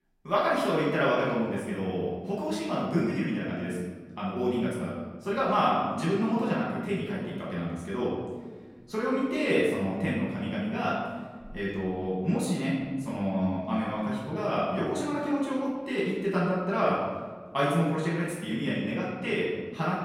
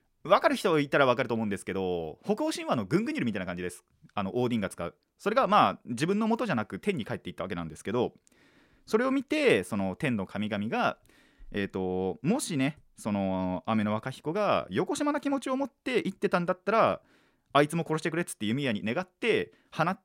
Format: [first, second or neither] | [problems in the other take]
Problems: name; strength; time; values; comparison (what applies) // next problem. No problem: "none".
second | off-mic speech; far // room echo; noticeable; dies away in 1.4 s